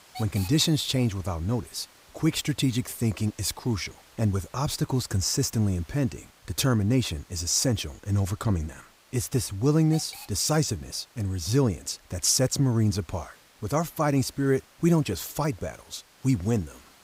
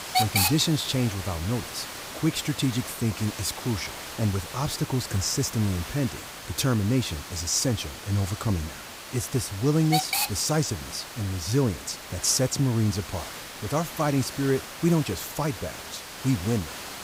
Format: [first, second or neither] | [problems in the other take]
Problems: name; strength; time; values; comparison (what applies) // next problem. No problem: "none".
first | hiss; loud; throughout; 7 dB below the speech; faint in the first